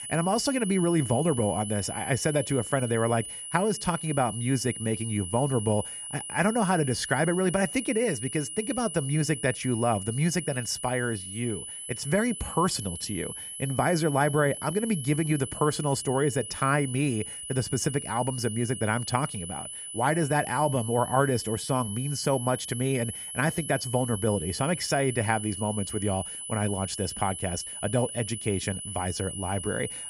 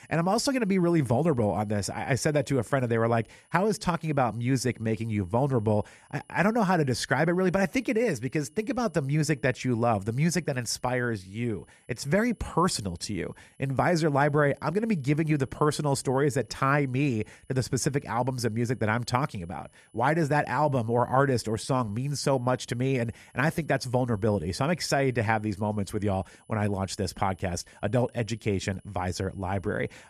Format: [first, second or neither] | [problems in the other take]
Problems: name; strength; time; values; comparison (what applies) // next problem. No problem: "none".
second | high-pitched whine; loud; throughout; 10 kHz, 7 dB below the speech; faint in the second